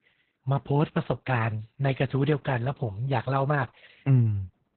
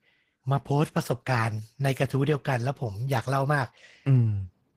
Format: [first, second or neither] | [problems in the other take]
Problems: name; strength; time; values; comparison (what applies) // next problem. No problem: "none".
second | garbled, watery; badly; nothing above 4 kHz; slightly in the second